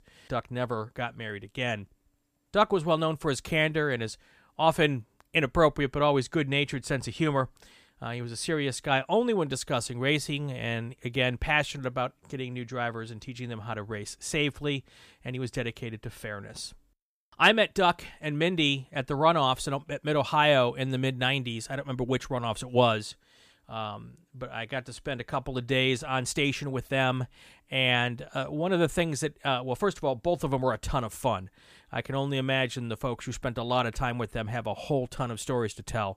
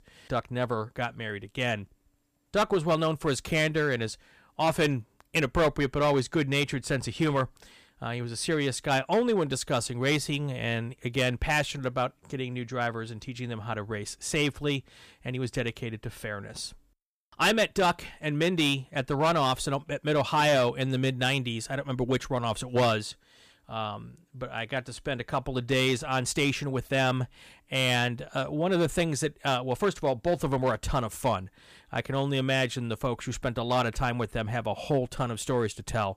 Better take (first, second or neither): first